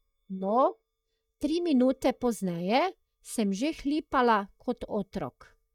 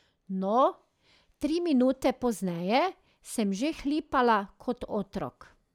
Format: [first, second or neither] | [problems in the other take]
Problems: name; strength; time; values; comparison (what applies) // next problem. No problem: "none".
second | noise reduction (neural mask model DeepFilterNet 3)